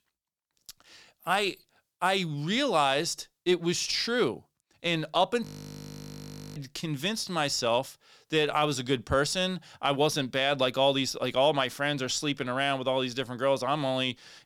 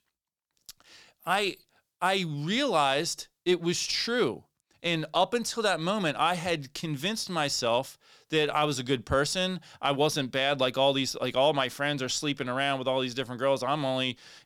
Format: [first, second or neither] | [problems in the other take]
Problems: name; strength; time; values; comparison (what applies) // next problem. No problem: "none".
second | audio freezing; at 5.5 s for 1 s